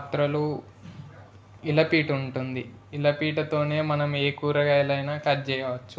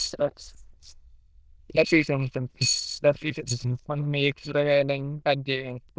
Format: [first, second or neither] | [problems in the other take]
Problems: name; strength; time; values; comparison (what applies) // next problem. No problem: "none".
first | noise reduction (neural diffusion model UNIVERSE++)